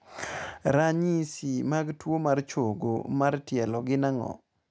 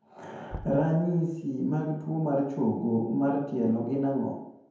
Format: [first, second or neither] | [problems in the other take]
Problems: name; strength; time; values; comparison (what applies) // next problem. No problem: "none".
first | background sound (Knock); 19 dB below the speech // room echo; dies away in 0.9 s